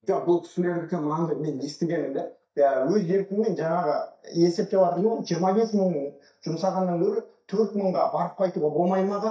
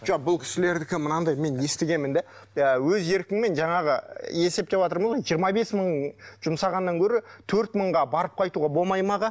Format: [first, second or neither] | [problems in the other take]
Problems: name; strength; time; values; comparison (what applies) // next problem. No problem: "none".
second | noise reduction (neural mask model DeepFilterNet 3)